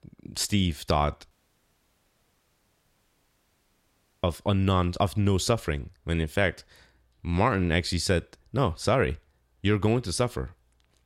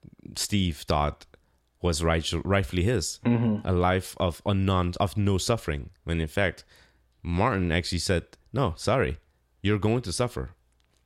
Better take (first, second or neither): second